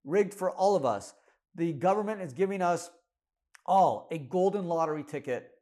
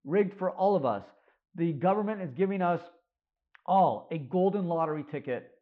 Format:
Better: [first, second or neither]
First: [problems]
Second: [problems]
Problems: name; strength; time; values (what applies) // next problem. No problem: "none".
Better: first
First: none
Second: muffled; very; fading above 3.5 kHz